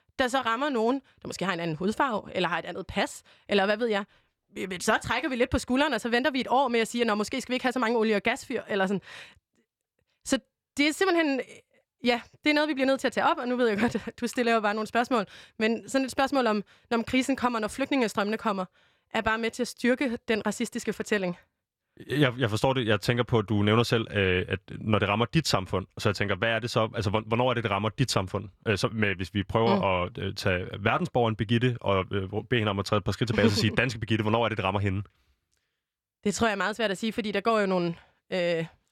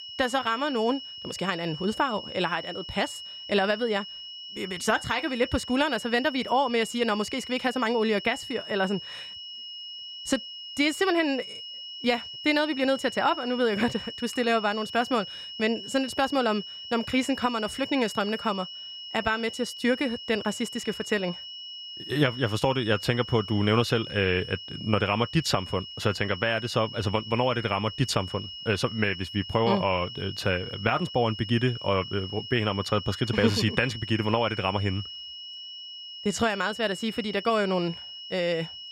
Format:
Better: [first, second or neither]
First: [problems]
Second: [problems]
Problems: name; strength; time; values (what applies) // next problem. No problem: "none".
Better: first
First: none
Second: high-pitched whine; noticeable; throughout; 3 kHz, 10 dB below the speech